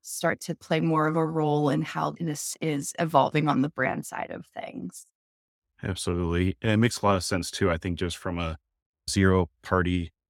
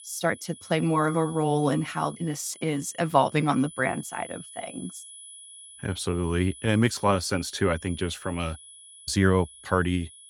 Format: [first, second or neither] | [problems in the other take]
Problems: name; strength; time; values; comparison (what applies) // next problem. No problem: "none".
first | high-pitched whine; noticeable; throughout; 10 kHz, 15 dB below the speech